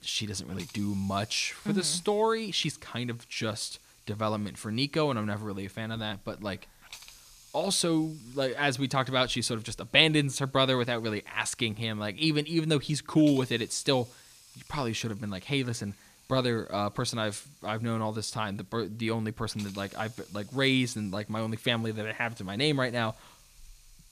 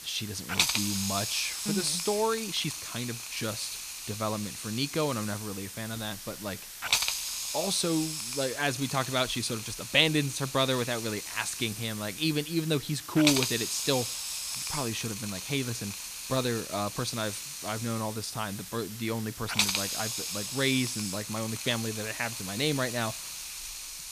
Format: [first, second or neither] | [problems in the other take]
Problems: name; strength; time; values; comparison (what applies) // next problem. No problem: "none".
first | hiss; loud; throughout; 2 dB below the speech; faint in the first